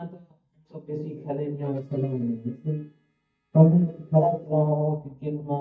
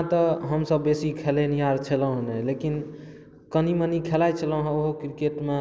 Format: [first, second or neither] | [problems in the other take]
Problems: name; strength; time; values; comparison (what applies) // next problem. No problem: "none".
second | noise reduction (neural mask model DeepFilterNet 3)